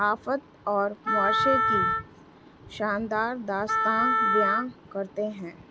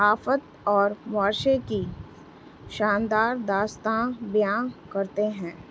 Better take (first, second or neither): second